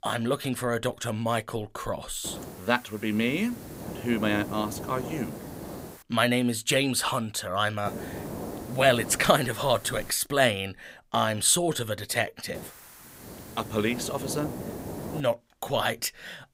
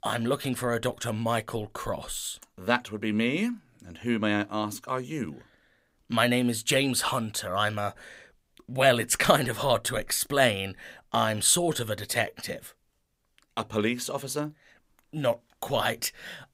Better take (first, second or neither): second